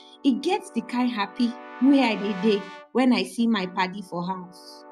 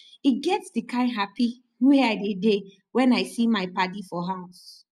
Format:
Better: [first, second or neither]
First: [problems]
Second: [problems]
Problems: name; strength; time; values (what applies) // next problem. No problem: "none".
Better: second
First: background sound (Keyboard (musical) / Brass instrument); 19 dB below the speech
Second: none